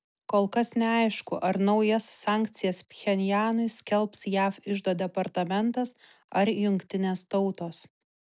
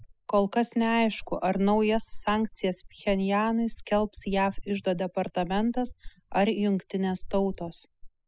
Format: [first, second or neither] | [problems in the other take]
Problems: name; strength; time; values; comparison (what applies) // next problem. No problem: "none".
first | noise reduction (classical method spectral subtraction)